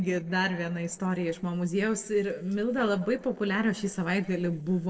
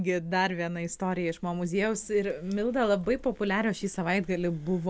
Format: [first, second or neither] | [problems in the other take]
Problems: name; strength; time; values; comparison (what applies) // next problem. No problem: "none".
second | noise reduction (neural separator model SepFormer DNS4)